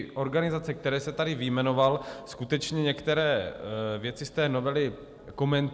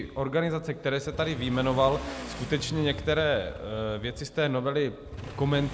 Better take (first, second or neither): first